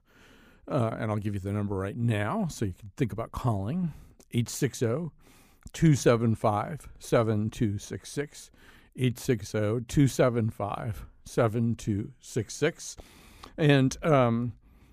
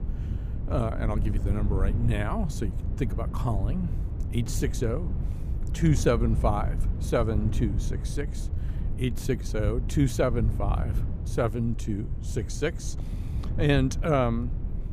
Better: first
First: none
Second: wind noise on the microphone; occasional gusts; 15 dB below the speech

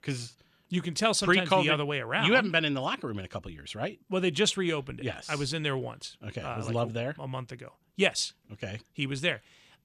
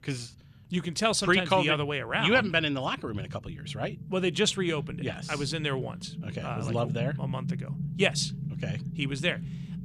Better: first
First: none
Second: low rumble; noticeable; throughout; 20 dB below the speech

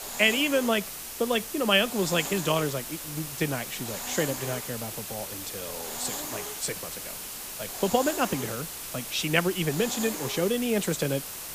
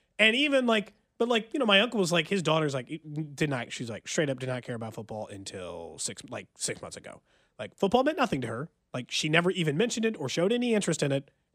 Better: second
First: hiss; loud; throughout; 6 dB below the speech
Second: none

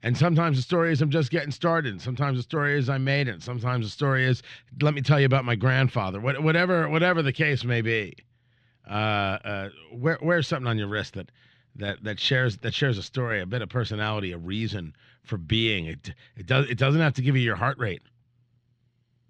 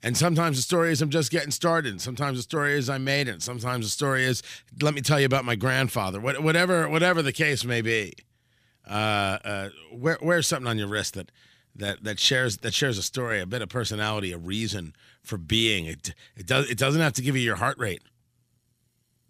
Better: second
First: muffled; slightly; fading above 3.5 kHz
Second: none

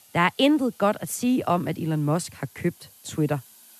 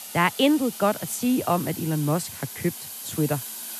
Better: first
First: hiss; faint; throughout; 25 dB below the speech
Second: hiss; loud; throughout; 10 dB below the speech

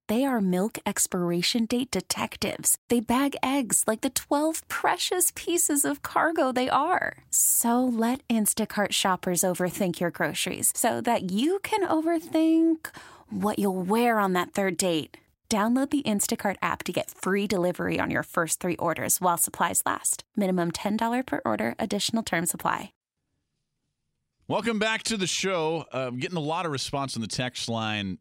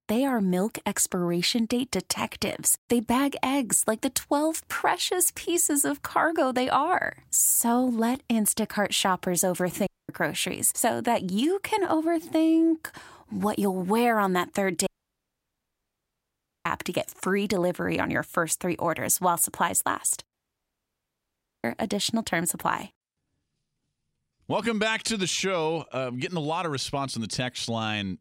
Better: first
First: none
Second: audio cutting out; at 10 s, at 15 s for 2 s and at 20 s for 1.5 s

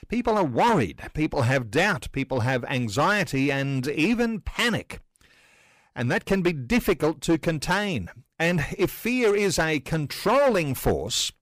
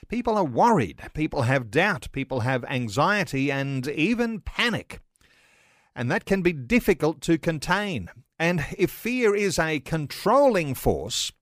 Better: second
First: distortion; slight; 7% of the sound clipped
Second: none

